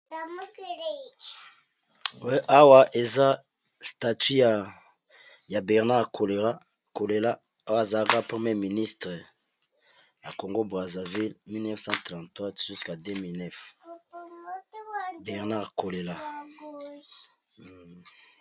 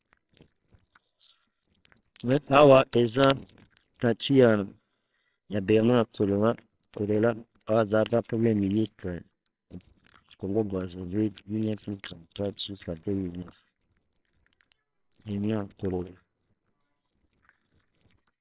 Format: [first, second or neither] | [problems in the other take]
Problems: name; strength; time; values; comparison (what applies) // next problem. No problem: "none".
first | noise reduction (neural separator model SepFormer WHAMR!)